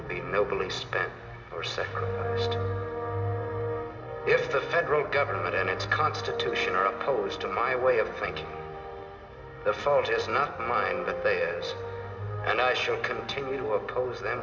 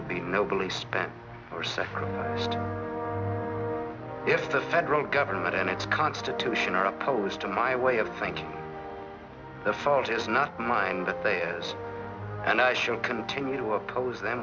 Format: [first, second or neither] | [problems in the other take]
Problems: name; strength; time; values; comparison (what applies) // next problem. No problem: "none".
second | room echo; dies away in 2.6 s